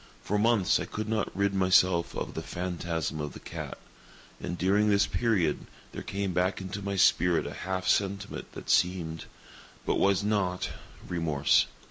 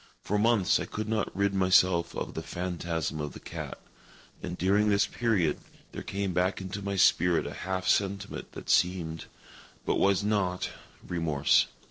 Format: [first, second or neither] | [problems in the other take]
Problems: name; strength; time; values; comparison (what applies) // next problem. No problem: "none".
first | noise reduction (neural separator model SepFormer DNS4)